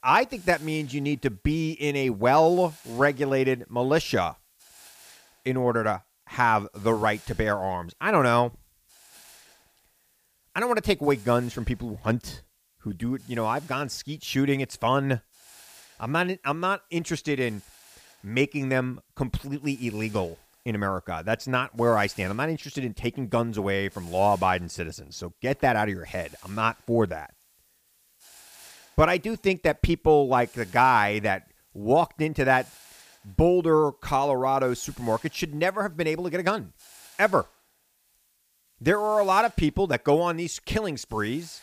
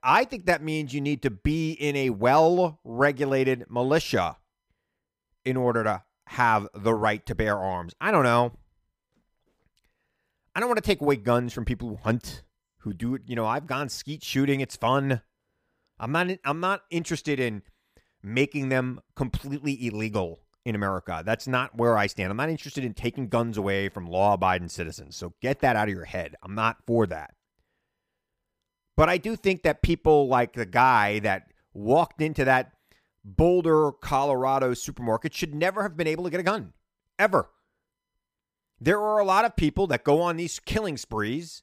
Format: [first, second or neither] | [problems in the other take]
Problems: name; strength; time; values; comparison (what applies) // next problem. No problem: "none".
second | hiss; faint; throughout; 25 dB below the speech